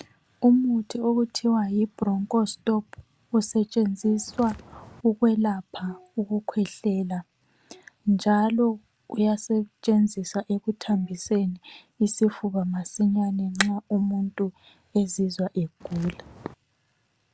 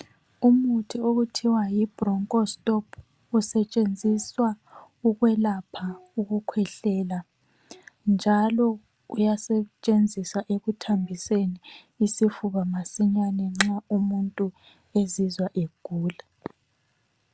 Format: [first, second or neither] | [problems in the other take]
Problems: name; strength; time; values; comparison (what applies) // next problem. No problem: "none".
second | background sound (Walk, footsteps); 19 dB below the speech